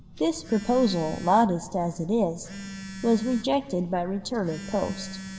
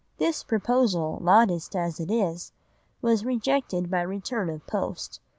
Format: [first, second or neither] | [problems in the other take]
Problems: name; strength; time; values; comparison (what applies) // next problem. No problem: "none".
second | background sound (Telephone); 14 dB below the speech // room echo; dies away in 1.5 s